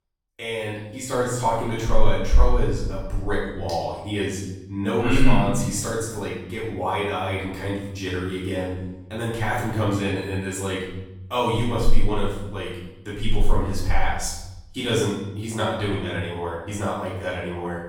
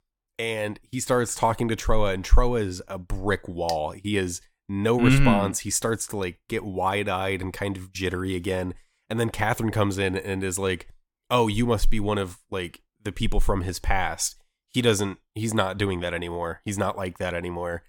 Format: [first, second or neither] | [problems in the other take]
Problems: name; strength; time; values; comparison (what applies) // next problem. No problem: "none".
second | off-mic speech; far // room echo; noticeable; dies away in 0.9 s